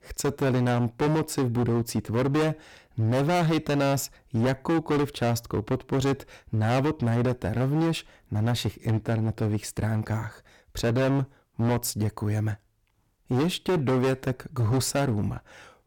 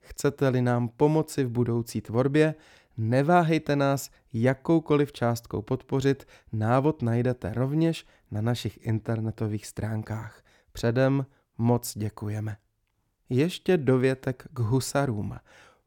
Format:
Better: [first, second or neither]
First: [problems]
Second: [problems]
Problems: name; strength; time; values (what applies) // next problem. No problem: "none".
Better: second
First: distortion; heavy; 18% of the sound clipped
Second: none